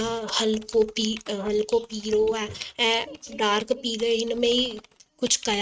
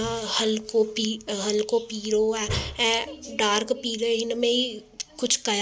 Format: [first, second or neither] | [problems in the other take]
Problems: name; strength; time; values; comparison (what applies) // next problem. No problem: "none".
second | noise reduction (neural mask model RNNoise)